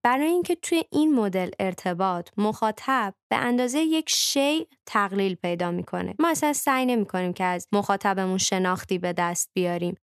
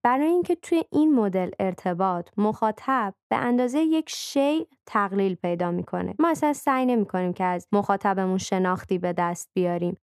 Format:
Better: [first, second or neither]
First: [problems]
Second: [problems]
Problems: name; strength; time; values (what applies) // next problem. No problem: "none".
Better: first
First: none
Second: muffled; slightly; fading above 2 kHz